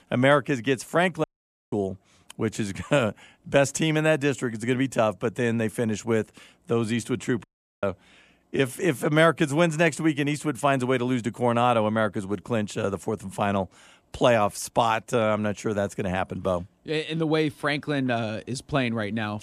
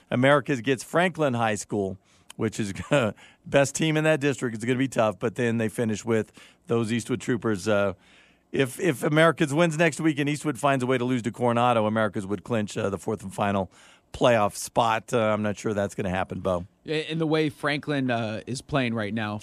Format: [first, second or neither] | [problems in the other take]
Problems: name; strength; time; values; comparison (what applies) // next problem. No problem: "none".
second | audio cutting out; at 1 s and at 7.5 s